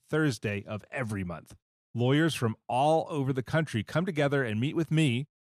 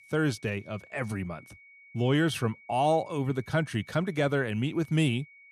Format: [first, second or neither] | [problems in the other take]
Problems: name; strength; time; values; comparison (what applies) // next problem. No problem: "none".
first | high-pitched whine; faint; throughout; 2 kHz, 25 dB below the speech